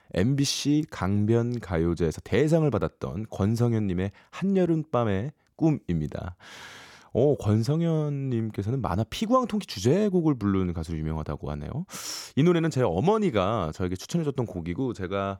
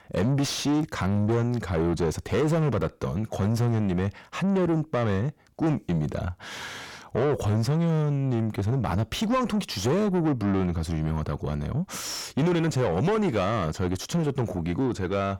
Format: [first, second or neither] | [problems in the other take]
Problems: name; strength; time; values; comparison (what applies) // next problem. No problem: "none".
first | distortion; heavy; 7 dB below the speech